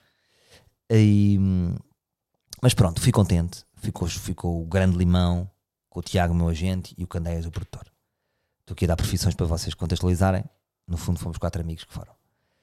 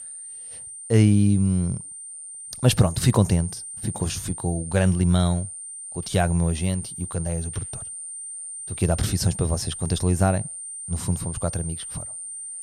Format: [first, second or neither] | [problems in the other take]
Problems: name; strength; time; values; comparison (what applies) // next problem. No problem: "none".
first | high-pitched whine; loud; throughout; 9 kHz, 10 dB below the speech